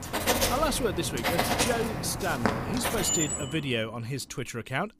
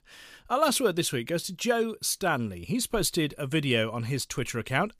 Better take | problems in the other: second | household noises; very loud; until 3 s; 2 dB above the speech

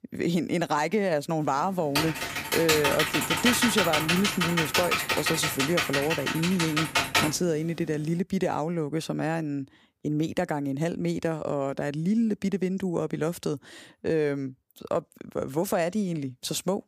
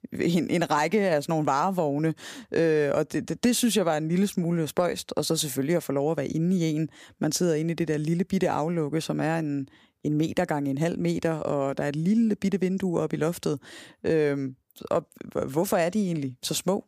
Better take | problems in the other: second | keyboard typing; loud; from 2 to 7.5 s; peak 5 dB above the speech

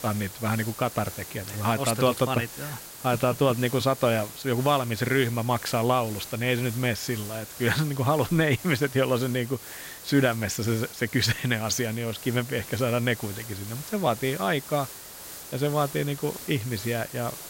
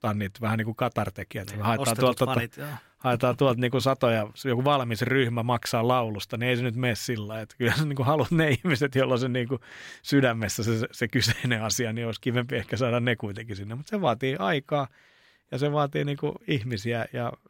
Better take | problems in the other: second | hiss; noticeable; throughout; 10 dB below the speech

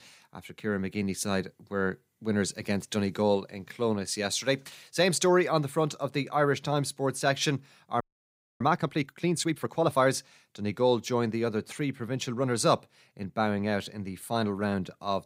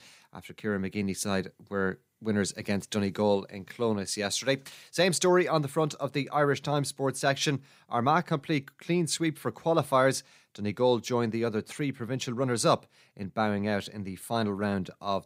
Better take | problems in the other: second | audio freezing; at 8 s for 0.5 s

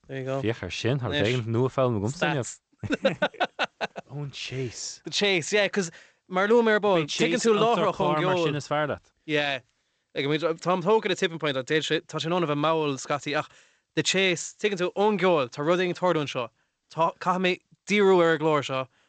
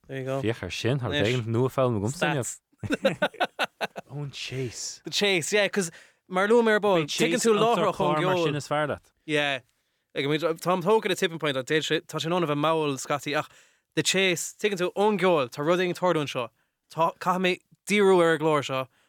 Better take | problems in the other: second | garbled, watery; slightly; nothing above 8 kHz

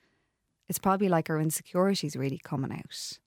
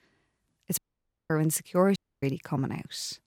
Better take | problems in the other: first | audio cutting out; at 1 s for 0.5 s and at 2 s

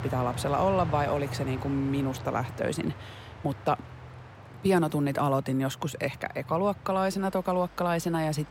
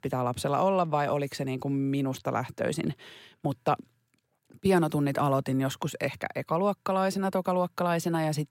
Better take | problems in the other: second | train or aircraft noise; noticeable; throughout; 10 dB below the speech

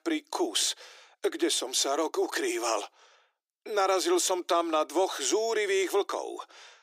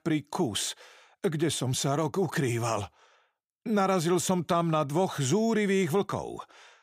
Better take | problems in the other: second | thin; very; fading below 300 Hz

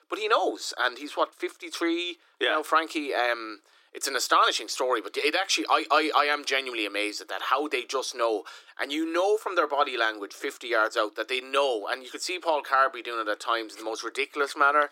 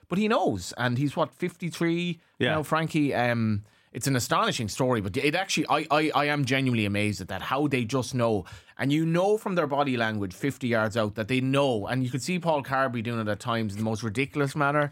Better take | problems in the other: second | thin; very; fading below 300 Hz

